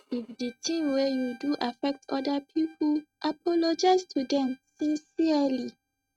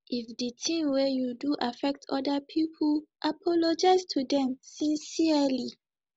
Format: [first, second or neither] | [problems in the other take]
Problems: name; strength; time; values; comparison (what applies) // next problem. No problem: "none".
second | noise reduction (neural mask model RNNoise)